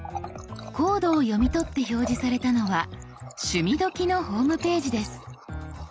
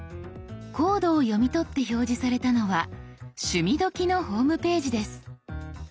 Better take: second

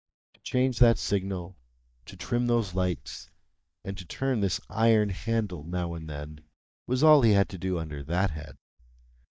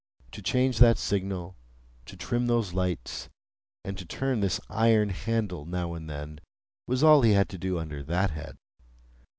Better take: second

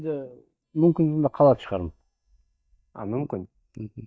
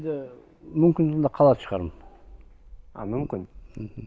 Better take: second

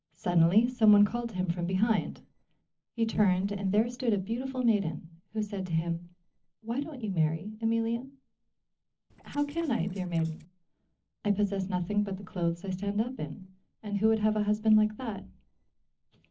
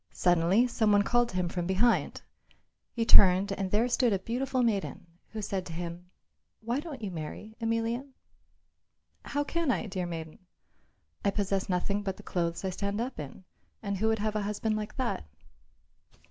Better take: second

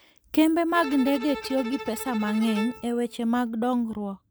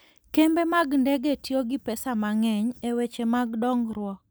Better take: second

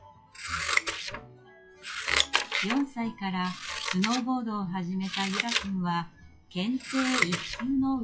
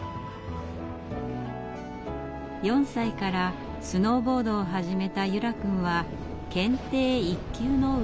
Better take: second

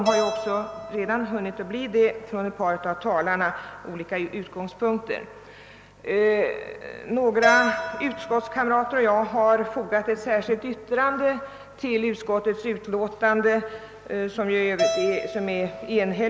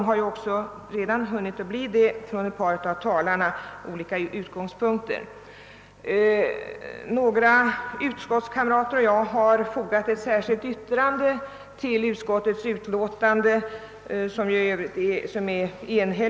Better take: second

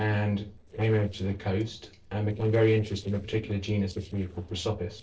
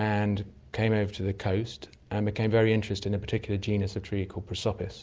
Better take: second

